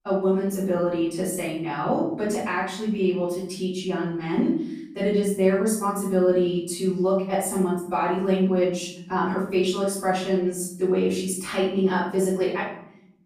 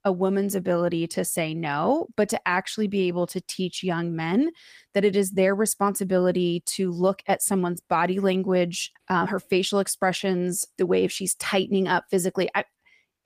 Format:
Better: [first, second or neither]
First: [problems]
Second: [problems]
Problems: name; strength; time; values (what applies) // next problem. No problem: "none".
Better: second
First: off-mic speech; far // room echo; noticeable; dies away in 0.7 s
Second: none